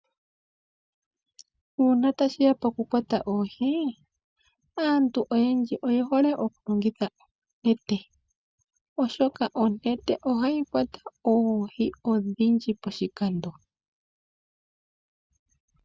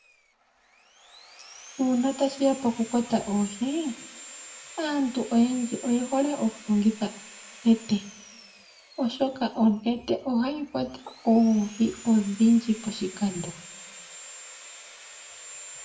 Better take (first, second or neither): first